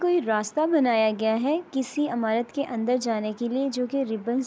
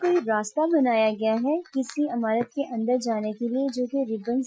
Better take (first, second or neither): first